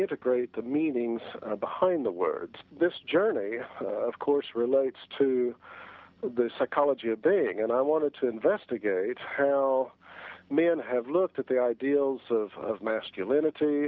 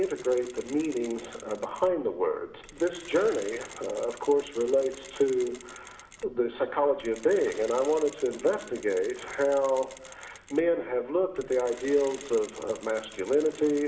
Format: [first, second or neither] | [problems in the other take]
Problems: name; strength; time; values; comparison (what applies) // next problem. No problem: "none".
first | background sound (Mechanisms); 20 dB below the speech // room echo; dies away in 0.8 s